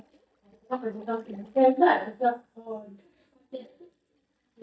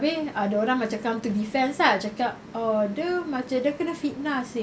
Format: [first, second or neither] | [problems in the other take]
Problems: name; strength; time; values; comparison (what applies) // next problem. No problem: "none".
second | noise reduction (neural mask model DeepFilterNet 3)